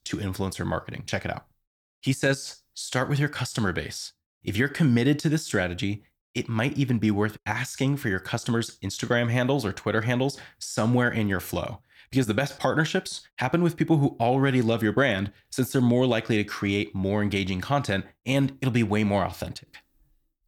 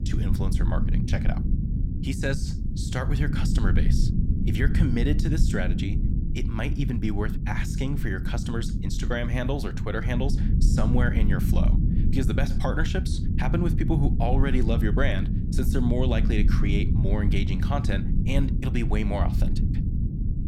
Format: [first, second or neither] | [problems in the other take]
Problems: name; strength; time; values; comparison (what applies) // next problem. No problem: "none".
first | low rumble; loud; throughout; 5 dB below the speech